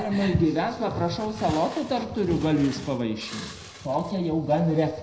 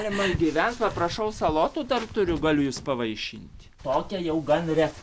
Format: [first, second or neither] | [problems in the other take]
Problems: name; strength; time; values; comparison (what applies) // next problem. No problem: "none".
second | background sound (Glass); 19 dB below the speech // room echo; dies away in 0.8 s